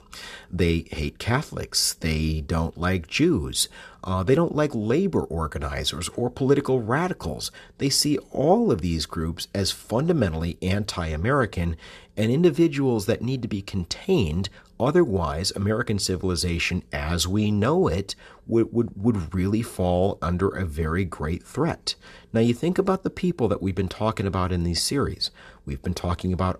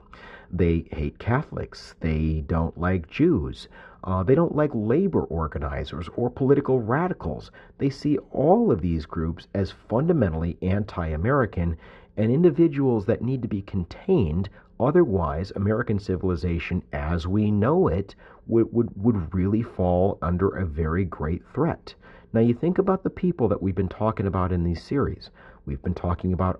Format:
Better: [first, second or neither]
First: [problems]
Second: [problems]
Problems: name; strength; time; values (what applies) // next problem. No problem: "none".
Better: first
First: none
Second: muffled; very; fading above 1.5 kHz